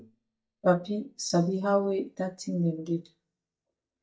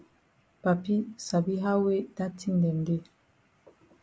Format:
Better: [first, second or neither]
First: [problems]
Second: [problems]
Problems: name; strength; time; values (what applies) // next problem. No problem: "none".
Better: second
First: noise reduction (neural mask model DeepFilterNet 3)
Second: none